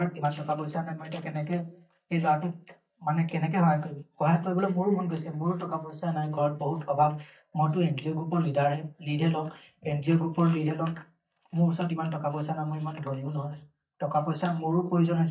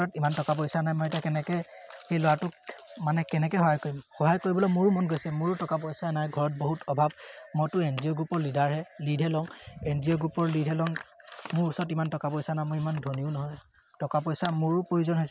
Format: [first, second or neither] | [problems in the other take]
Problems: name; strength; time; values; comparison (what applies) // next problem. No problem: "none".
second | noise reduction (neural mask model DeepFilterNet 3)